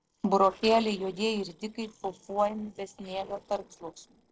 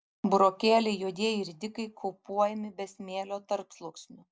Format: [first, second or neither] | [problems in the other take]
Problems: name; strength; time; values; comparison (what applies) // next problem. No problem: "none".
second | noise reduction (neural separator model SepFormer DNS4)